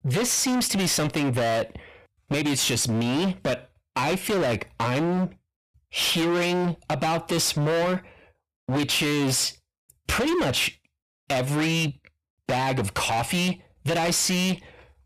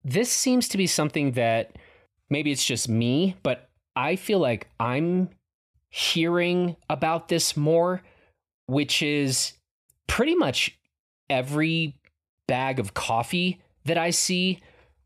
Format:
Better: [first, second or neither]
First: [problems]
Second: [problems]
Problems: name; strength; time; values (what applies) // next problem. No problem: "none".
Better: second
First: distortion; heavy; 30% of the sound clipped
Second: none